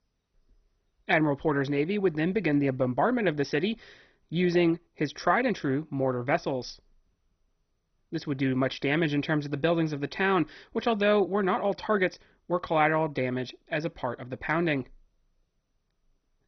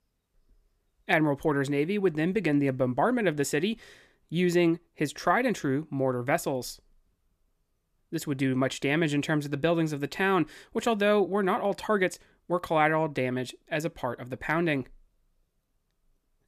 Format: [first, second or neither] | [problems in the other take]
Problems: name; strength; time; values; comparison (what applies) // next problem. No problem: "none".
second | garbled, watery; badly; nothing above 6 kHz